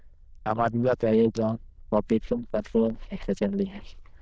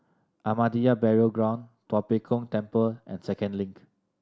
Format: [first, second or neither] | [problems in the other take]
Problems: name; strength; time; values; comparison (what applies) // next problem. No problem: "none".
second | noise reduction (neural diffusion model UNIVERSE++)